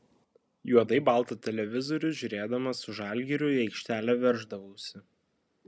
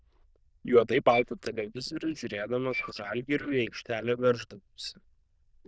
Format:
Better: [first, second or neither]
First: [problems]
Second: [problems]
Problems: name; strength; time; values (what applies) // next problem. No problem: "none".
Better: first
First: none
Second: noise reduction (neural diffusion model UNIVERSE++)